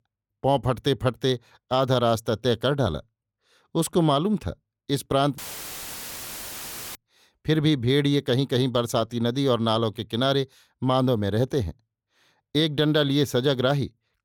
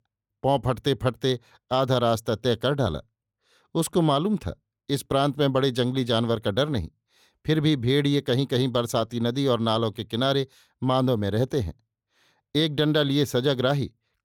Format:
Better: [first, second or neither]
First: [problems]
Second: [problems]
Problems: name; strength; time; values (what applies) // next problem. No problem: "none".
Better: second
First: audio cutting out; filled with static; at 5.5 s for 1.5 s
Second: none